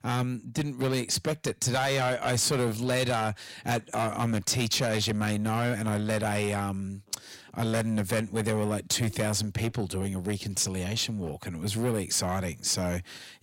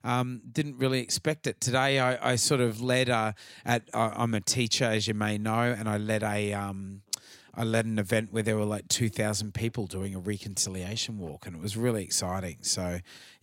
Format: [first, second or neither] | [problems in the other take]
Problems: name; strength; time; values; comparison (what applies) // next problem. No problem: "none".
second | distortion; heavy; 8 dB below the speech